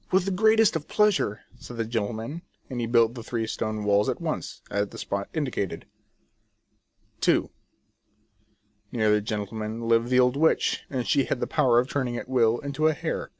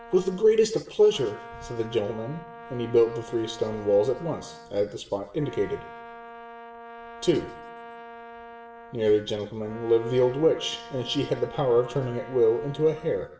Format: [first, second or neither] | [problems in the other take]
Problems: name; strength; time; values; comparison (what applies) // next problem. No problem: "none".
first | background sound (Brass instrument); 17 dB below the speech // room echo; dies away in 0.6 s